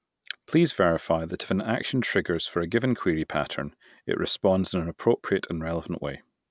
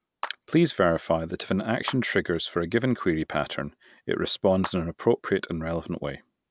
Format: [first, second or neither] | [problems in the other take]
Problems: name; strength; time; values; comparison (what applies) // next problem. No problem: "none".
first | background sound (Clapping); 17 dB below the speech